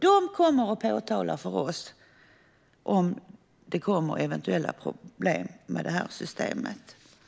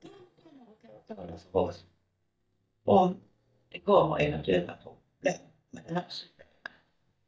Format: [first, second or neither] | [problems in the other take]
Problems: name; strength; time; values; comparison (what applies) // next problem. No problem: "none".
first | noise reduction (neural mask model DeepFilterNet 3)